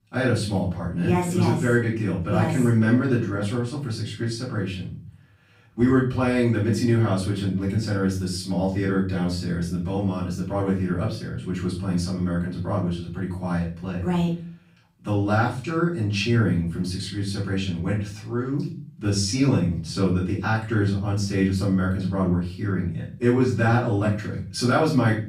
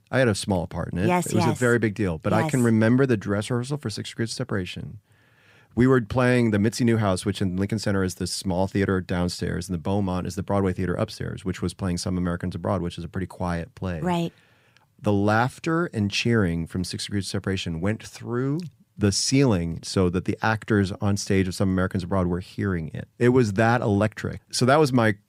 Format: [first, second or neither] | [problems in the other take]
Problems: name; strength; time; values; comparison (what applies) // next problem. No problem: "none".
second | off-mic speech; far // room echo; noticeable; dies away in 0.4 s